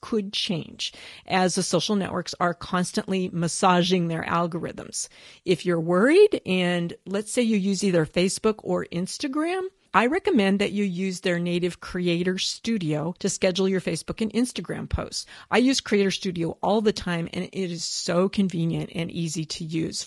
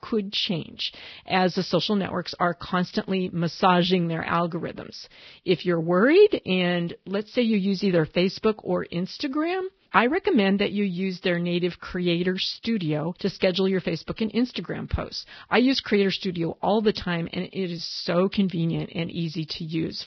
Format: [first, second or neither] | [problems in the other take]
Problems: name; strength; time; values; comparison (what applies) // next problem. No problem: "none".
first | garbled, watery; badly; nothing above 5.5 kHz; slightly in the first